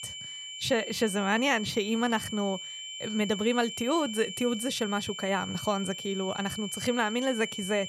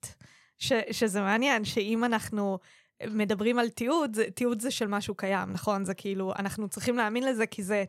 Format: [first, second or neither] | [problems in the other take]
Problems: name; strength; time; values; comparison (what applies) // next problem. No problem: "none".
second | high-pitched whine; loud; throughout; 3 kHz, 8 dB below the speech